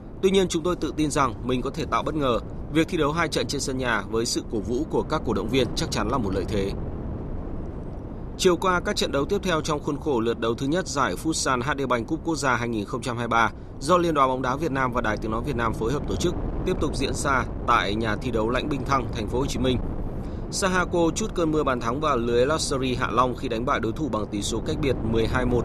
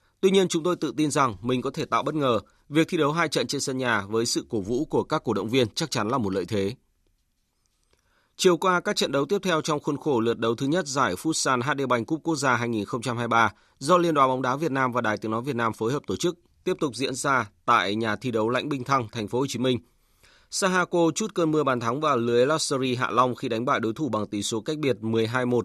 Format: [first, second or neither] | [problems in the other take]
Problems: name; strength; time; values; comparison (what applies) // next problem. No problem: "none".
second | wind noise on the microphone; occasional gusts; 15 dB below the speech